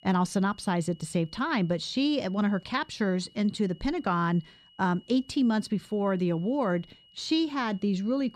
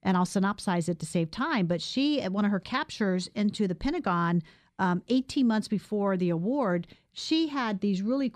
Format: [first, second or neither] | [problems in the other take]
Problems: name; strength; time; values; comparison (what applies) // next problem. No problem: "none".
second | high-pitched whine; faint; throughout; 3 kHz, 30 dB below the speech